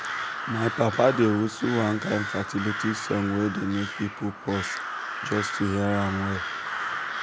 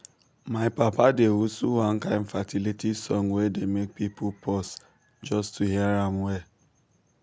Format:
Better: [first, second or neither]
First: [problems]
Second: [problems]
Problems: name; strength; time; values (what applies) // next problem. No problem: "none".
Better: second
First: background sound (Crow); 6 dB below the speech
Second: none